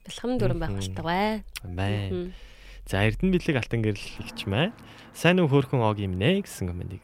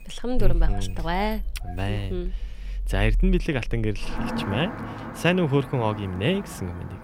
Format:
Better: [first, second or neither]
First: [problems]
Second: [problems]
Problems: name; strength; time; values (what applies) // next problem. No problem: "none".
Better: first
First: traffic noise; faint; throughout; 20 dB below the speech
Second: traffic noise; loud; throughout; 6 dB below the speech